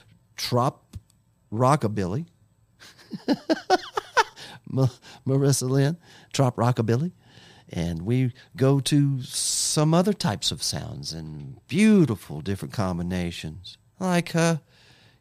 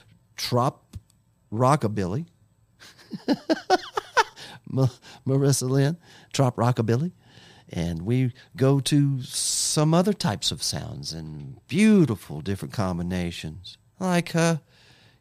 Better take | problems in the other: neither | none

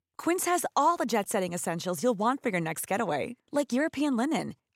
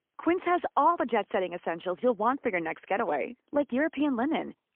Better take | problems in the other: first | phone-call audio; poor line; nothing above 3.5 kHz

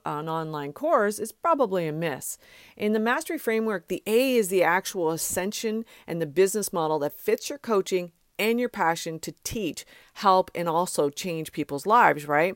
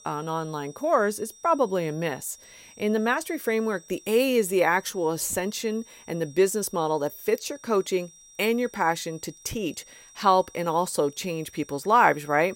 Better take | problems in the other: first | high-pitched whine; faint; throughout; 5.5 kHz, 25 dB below the speech

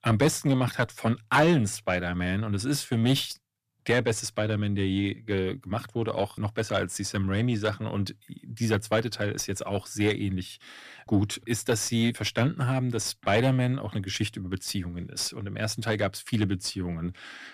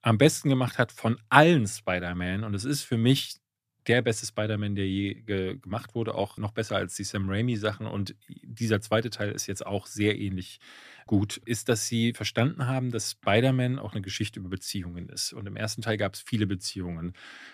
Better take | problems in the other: second | distortion; slight; 10 dB below the speech

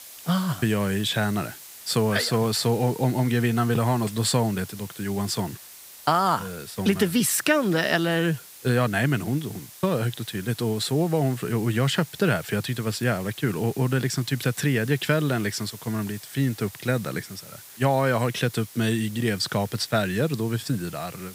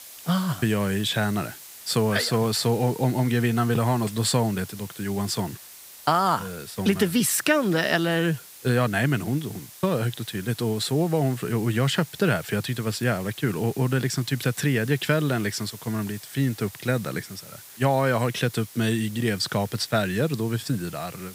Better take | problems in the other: neither | hiss; noticeable; throughout; 15 dB below the speech; the same in both

